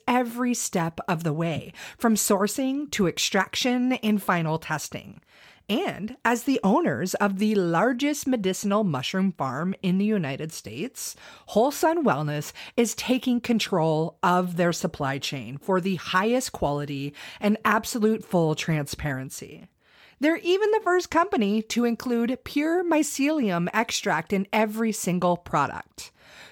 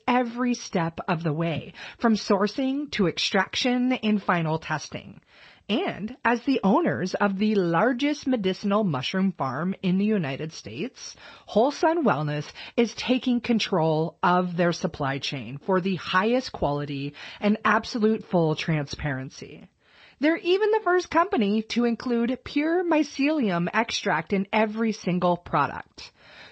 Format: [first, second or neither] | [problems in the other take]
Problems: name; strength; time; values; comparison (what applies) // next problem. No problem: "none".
first | garbled, watery; slightly; nothing above 7.5 kHz